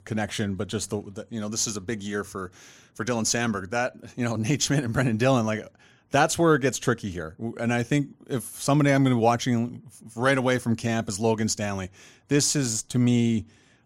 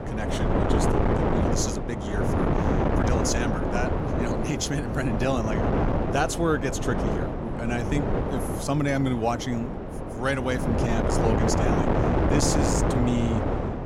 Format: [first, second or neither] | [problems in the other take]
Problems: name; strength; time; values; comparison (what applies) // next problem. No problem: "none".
first | wind noise on the microphone; heavy; 2 dB above the speech